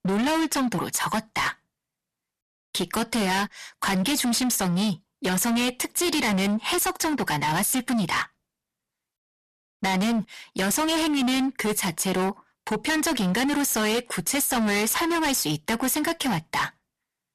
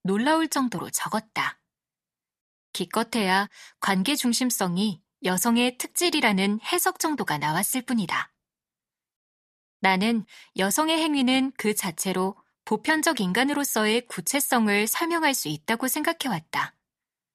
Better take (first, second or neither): second